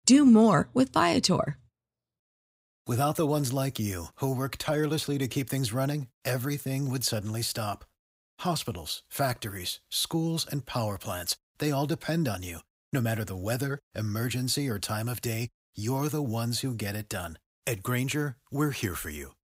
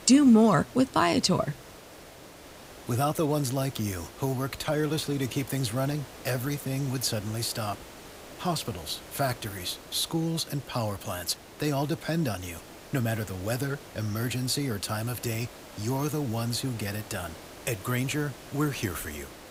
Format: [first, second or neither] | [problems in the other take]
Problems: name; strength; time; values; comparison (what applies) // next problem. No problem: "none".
first | hiss; noticeable; throughout; 15 dB below the speech